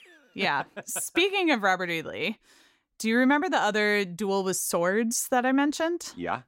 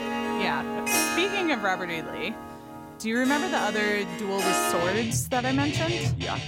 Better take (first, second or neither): first